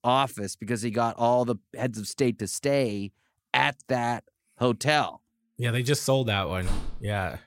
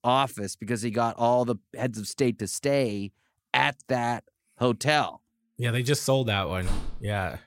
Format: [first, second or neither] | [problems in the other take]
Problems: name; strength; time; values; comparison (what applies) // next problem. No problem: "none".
neither | door banging; noticeable; at 6.5 s; peak 9 dB below the speech; the same in both